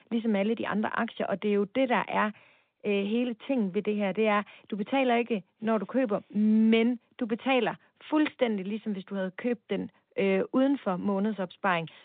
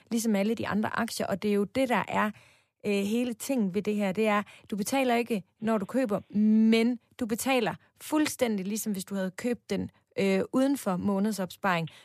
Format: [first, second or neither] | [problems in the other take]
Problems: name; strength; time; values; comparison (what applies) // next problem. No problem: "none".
second | phone-call audio